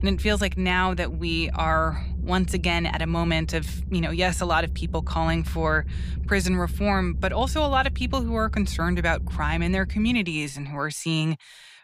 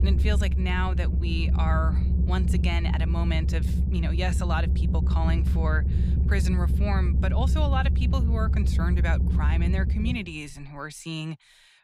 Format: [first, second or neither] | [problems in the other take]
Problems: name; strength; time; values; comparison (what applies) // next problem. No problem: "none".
first | low rumble; loud; throughout; 7 dB below the speech; faint in the first